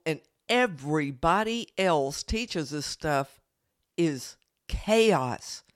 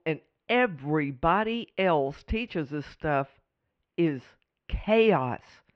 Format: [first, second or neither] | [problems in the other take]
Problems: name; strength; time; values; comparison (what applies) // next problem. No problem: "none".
first | muffled; very; fading above 2.5 kHz